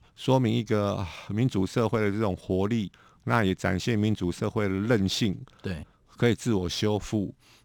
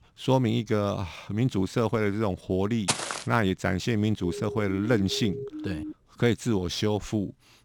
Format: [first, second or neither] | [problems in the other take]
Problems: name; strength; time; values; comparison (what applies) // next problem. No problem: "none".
first | footsteps; noticeable; at 3 s; peak level with the speech // siren; noticeable; from 4 to 6 s; peak 9 dB below the speech